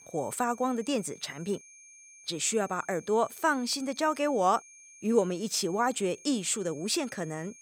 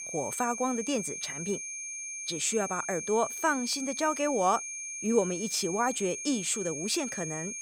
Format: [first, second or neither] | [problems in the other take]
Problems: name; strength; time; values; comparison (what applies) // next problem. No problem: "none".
first | high-pitched whine; loud; throughout; 6.5 kHz, 5 dB below the speech; faint in the first